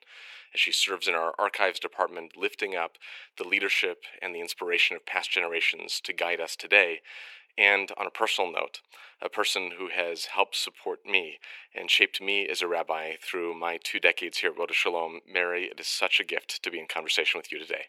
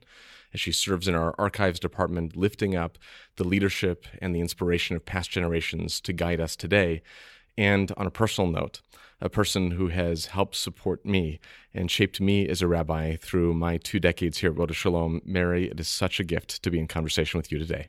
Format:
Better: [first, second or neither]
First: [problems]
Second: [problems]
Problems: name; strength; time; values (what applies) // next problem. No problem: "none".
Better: second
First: thin; very; fading below 400 Hz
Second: none